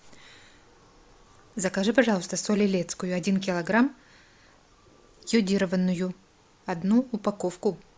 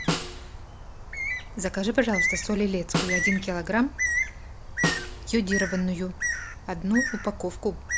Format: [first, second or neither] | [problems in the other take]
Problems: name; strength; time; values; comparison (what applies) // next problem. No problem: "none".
first | background sound (Bird + Snare drum); 1 dB below the speech